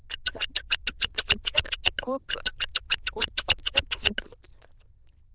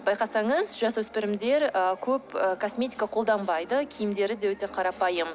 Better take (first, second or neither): second